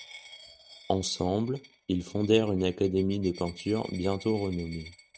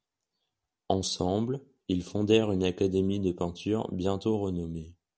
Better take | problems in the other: second | noise reduction (neural mask model RNNoise)

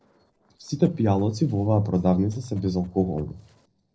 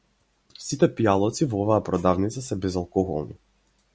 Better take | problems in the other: second | noise reduction (neural separator model SepFormer DNS4)

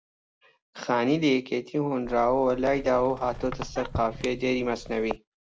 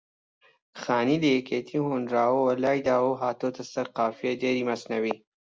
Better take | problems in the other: second | background sound (Squeak); 12 dB below the speech

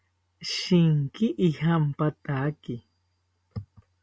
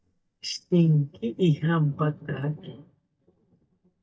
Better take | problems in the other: first | noise reduction (neural mask model DeepFilterNet 3)

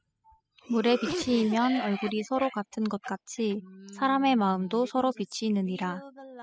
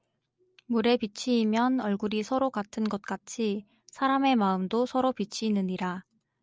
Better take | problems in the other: second | noise reduction (classical method spectral subtraction)

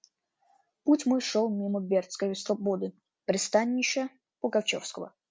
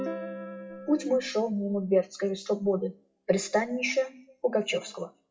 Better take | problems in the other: first | noise reduction (classical method WPE with log-MMSE)

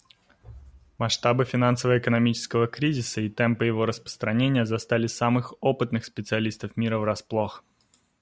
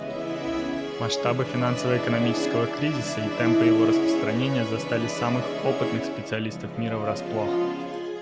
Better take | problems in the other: first | background sound (Musical instrument); 2 dB above the speech

